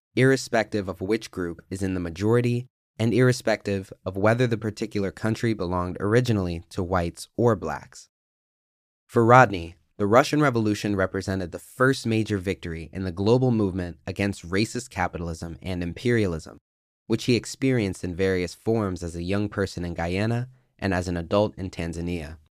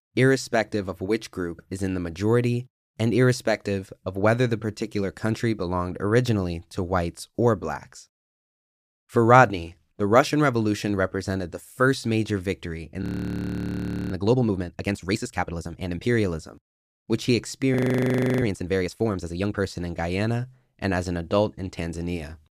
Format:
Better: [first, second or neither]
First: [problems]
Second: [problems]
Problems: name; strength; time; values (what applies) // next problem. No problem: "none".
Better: first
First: none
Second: audio freezing; at 13 s for 1 s and at 18 s for 0.5 s